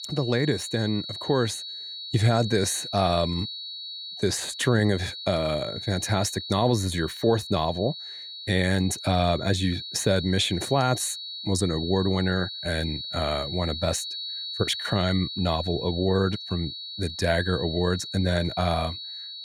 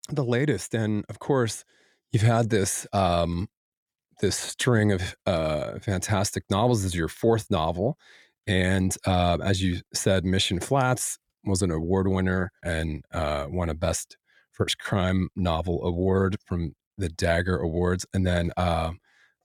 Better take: second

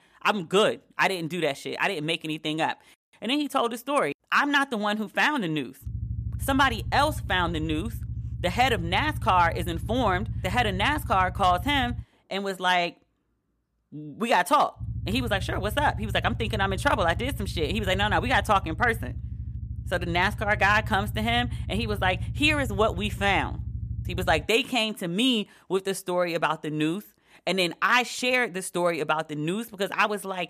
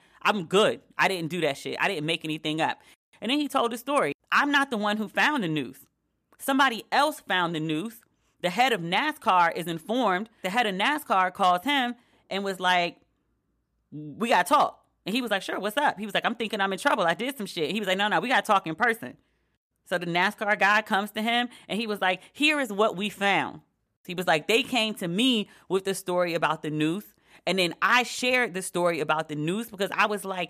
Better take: second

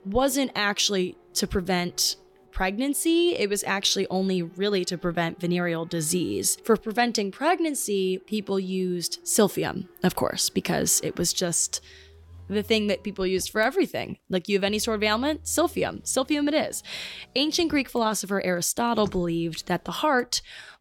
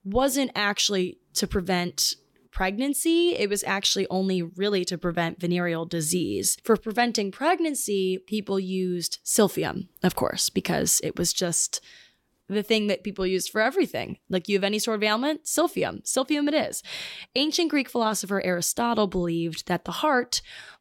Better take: second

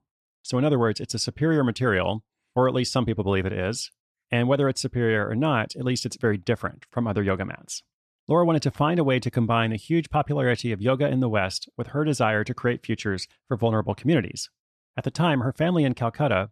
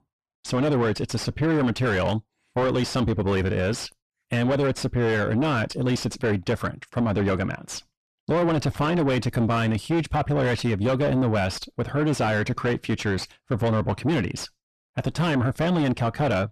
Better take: first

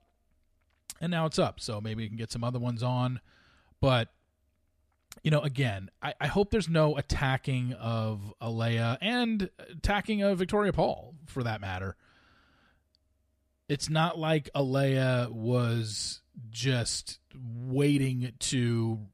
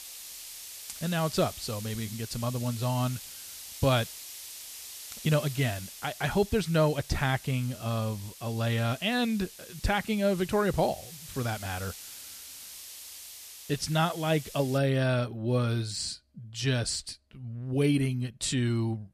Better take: first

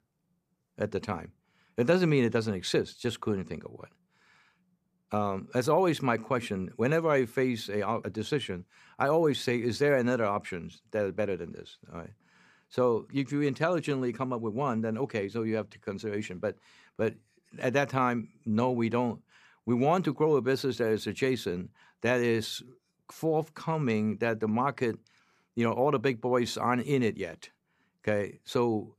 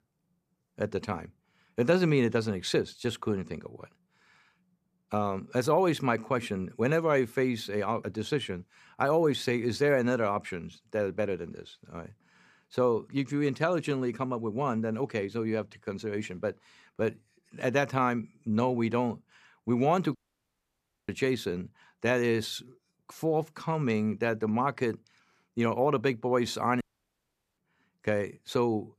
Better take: first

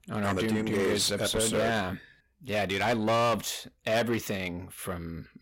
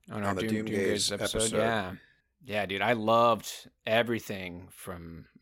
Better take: second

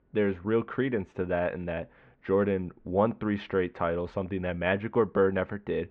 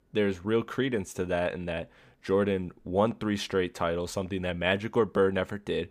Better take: second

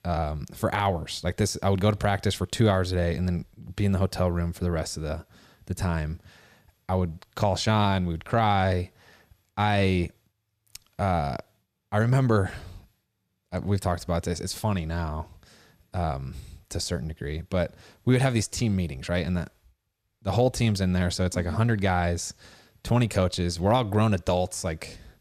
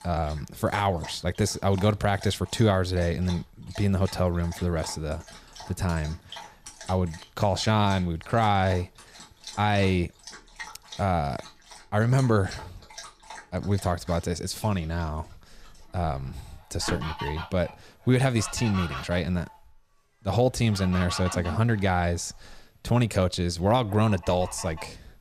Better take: first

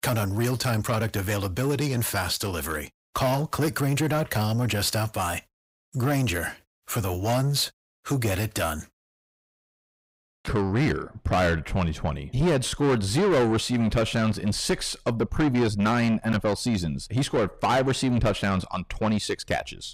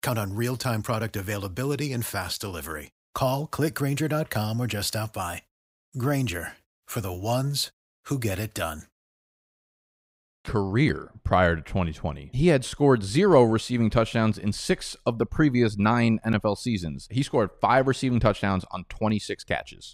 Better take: second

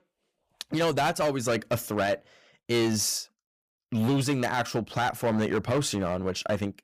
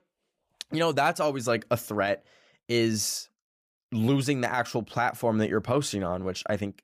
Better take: second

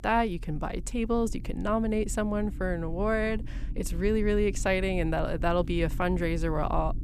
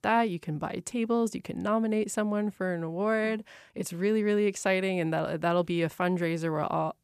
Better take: second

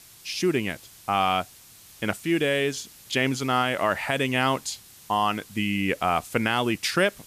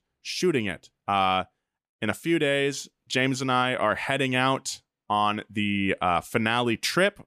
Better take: second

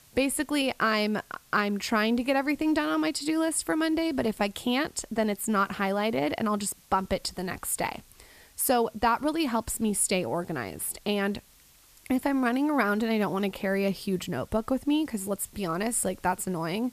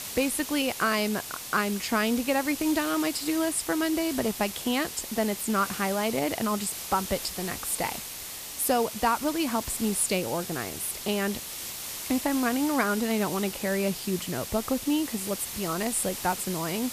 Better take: first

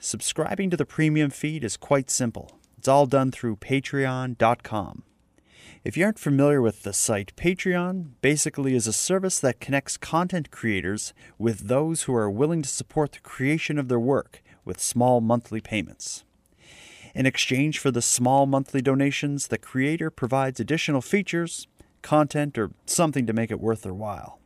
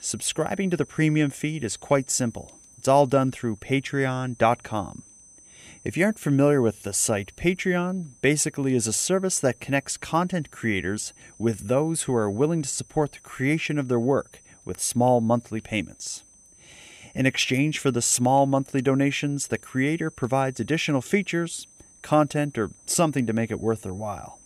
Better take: first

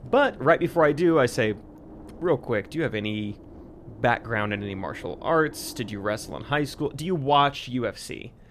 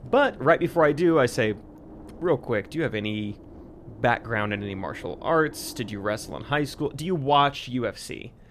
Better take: neither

